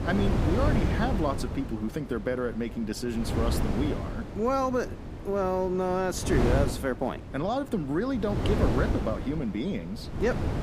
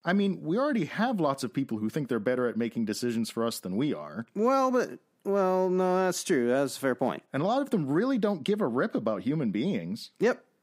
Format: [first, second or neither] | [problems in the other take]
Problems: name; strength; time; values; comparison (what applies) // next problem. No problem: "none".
second | wind noise on the microphone; heavy; 6 dB below the speech